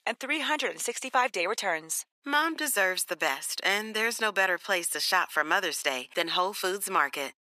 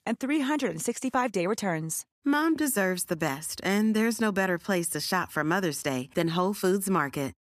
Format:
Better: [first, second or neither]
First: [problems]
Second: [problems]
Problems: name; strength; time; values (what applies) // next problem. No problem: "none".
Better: second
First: thin; very; fading below 600 Hz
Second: none